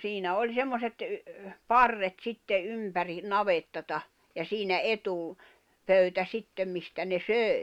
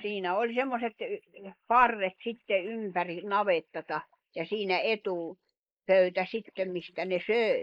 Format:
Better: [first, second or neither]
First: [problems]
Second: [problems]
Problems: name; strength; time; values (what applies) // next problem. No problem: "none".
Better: first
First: none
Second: noise reduction (neural mask model Resemble Enhance denoiser)